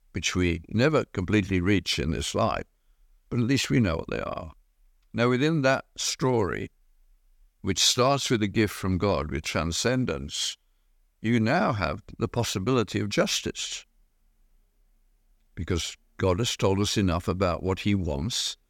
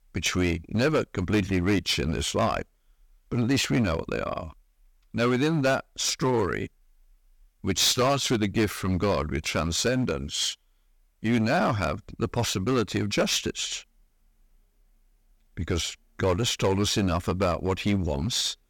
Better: first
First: none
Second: distortion; slight; 6% of the sound clipped

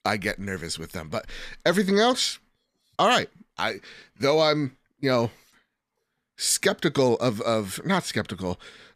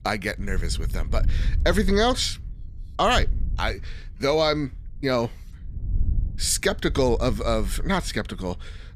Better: first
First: none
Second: wind noise on the microphone; occasional gusts; 25 dB below the speech

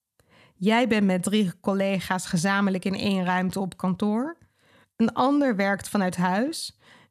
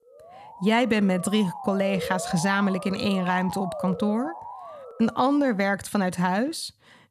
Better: first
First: none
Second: siren; noticeable; until 5.5 s; peak 8 dB below the speech

